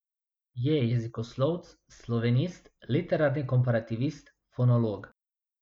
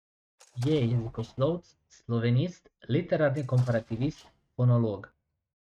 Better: first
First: none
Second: noise reduction (neural mask model RNNoise)

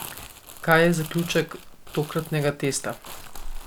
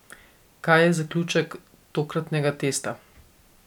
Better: second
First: background sound (Crumpling, crinkling); 11 dB below the speech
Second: none

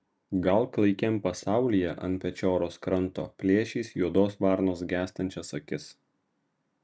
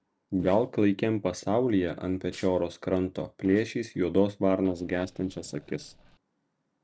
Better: first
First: none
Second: noise reduction (neural separator model SepFormer DNS4)

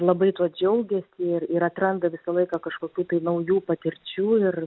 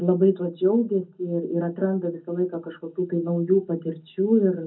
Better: first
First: none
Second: room echo; dies away in 0.4 s

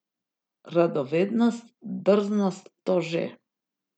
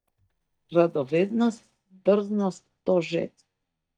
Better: first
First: none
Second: noise reduction (neural mask model DeepFilterNet 3)

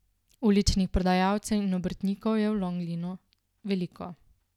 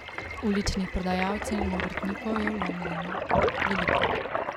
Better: first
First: none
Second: background sound (Toilet flush); 2 dB above the speech

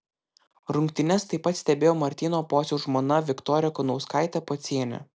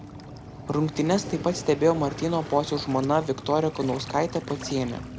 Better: first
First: none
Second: background sound (Waves, surf); 12 dB below the speech

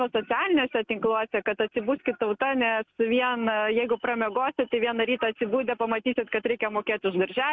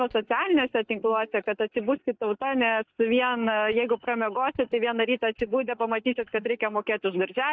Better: first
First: none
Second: noise reduction (neural mask model DeepFilterNet 3)

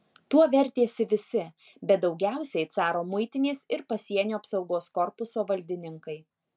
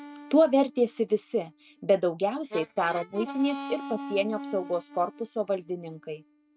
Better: first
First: none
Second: noise reduction (neural mask model RNNoise)

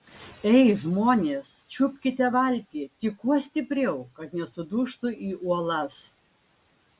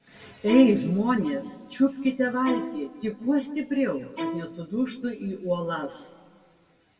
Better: first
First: none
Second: background sound (Bowed string instrument); 10 dB below the speech // room echo; dies away in 1.3 s

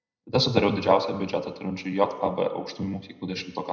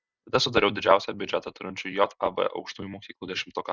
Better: second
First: room echo; dies away in 0.7 s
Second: none

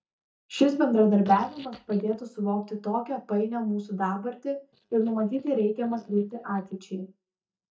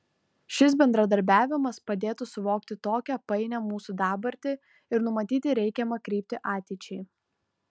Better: second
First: noise reduction (neural mask model DeepFilterNet 3)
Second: none

